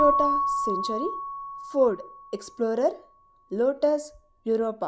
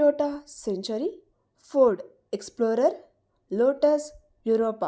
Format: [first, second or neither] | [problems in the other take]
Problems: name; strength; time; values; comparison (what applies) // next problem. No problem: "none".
second | background sound (Keyboard (musical) / Bell); 3 dB below the speech